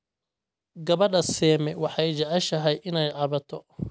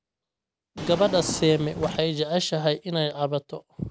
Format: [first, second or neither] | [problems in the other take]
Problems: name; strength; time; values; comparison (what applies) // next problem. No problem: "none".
first | background sound (Drawer open or close); 11 dB below the speech